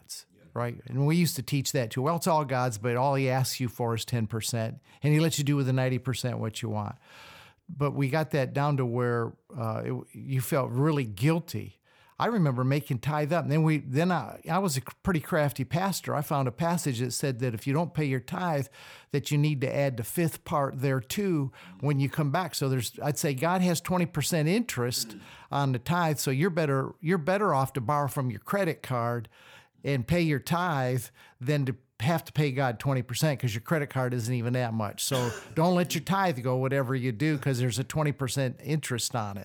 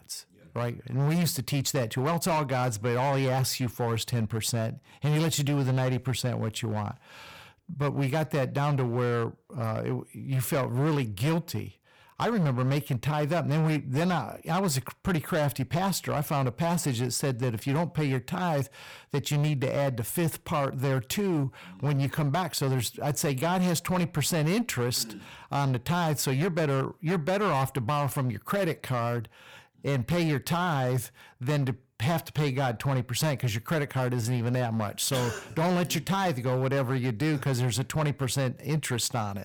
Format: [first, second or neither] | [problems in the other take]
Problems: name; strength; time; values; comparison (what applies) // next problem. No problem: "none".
first | distortion; slight; 14% of the sound clipped